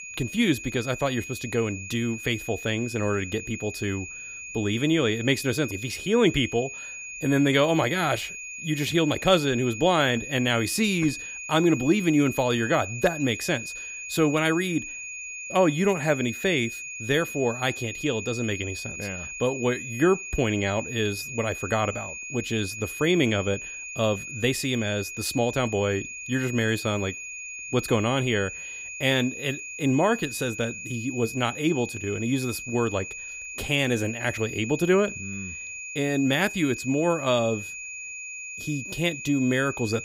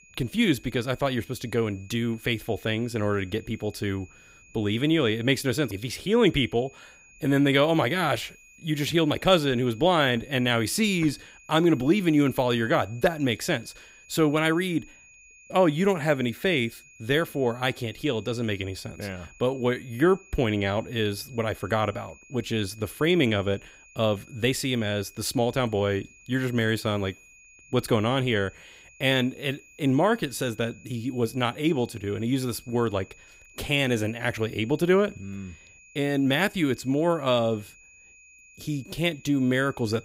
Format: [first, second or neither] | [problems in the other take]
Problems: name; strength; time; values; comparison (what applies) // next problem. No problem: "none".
second | high-pitched whine; loud; throughout; 2.5 kHz, 9 dB below the speech; faint in the second